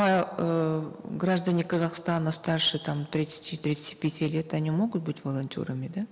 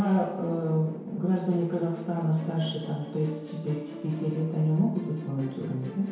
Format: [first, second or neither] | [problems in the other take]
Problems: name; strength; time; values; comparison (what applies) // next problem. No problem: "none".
first | background sound (Musical instrument); 15 dB below the speech // room echo; dies away in 1 s